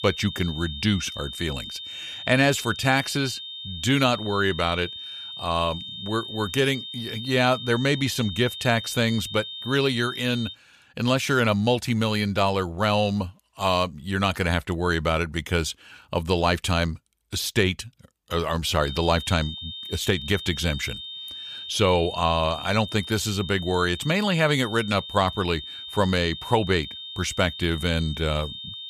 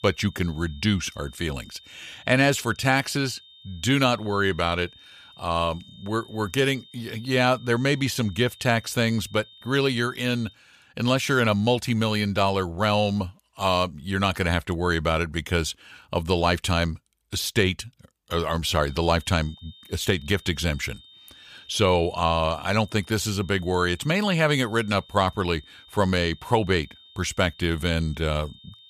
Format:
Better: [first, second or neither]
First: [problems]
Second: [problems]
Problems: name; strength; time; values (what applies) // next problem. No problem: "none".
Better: second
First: high-pitched whine; loud; until 11 s and from 19 s on; 3.5 kHz, 10 dB below the speech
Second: high-pitched whine; faint; until 11 s and from 19 s on; 3.5 kHz, 25 dB below the speech